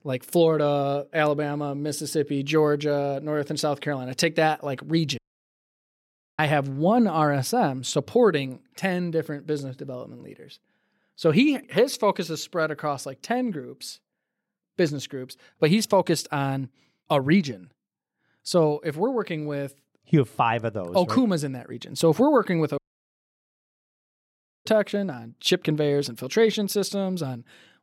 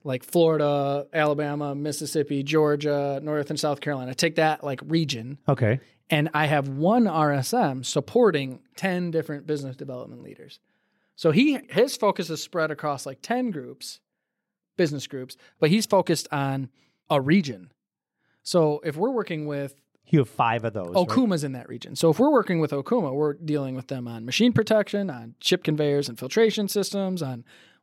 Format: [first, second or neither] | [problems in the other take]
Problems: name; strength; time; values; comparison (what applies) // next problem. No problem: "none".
second | audio cutting out; at 5 s for 1 s and at 23 s for 2 s